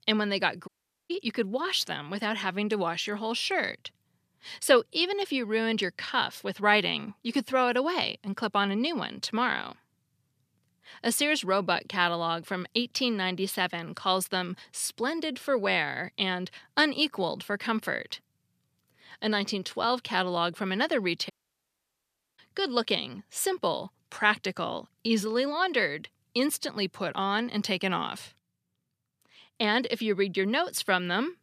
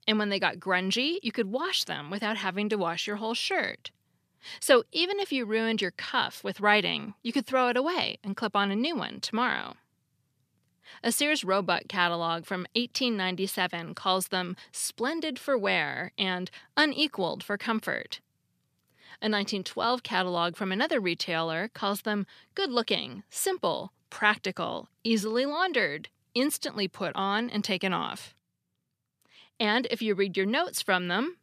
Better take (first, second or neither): second